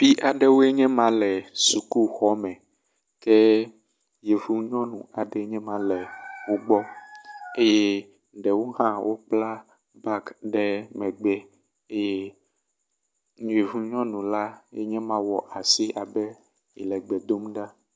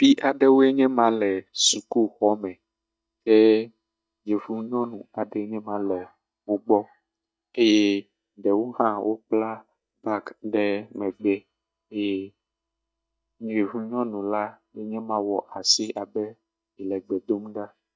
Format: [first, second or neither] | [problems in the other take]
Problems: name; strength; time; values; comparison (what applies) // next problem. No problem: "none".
first | noise reduction (neural mask model DeepFilterNet 3)